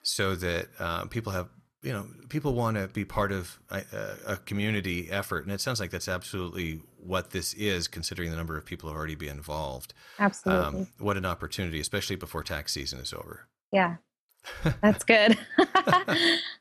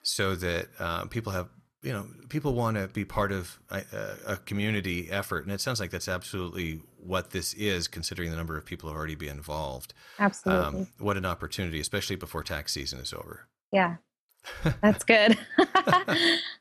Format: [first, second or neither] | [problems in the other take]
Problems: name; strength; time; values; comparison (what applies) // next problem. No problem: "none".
neither | none